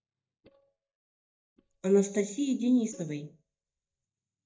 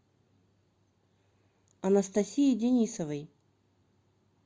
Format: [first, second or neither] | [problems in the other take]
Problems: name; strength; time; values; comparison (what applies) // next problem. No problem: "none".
second | noise reduction (neural mask model DeepFilterNet 3)